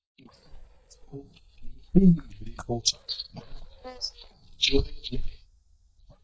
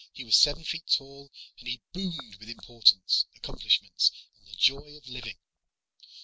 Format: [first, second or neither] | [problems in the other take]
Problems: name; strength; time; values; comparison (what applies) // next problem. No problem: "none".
second | noise reduction (neural mask model DeepFilterNet 3)